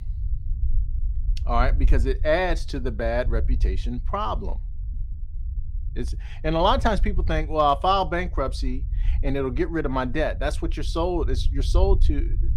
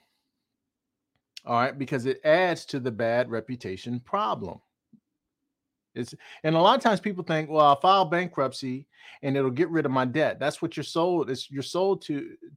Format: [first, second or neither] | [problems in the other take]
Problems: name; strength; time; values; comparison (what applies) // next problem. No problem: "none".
second | low rumble; faint; throughout; 25 dB below the speech